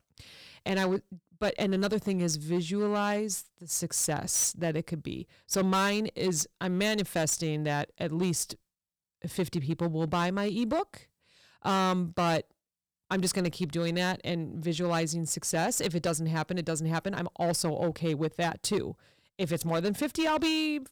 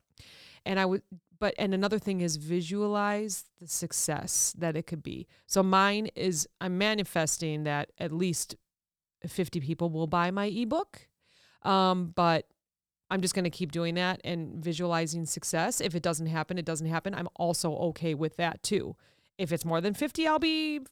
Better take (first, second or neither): second